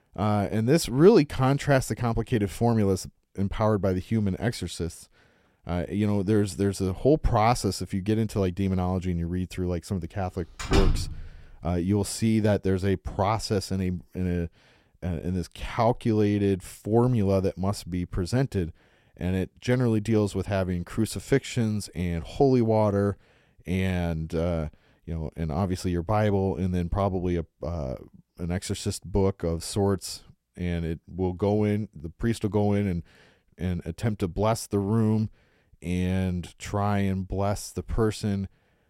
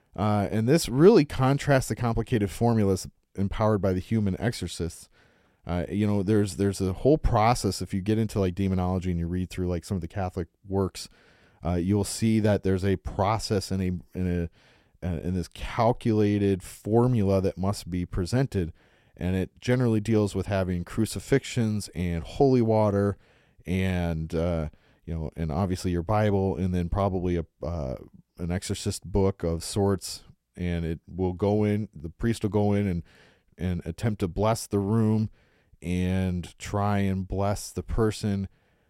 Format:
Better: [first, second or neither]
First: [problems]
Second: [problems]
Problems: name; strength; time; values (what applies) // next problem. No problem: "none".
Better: second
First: door banging; loud; at 11 s; peak 1 dB above the speech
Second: none